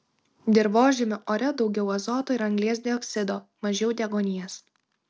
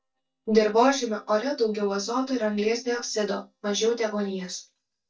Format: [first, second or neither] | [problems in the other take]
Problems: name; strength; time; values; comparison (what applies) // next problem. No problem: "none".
first | noise reduction (neural mask model DeepFilterNet 3)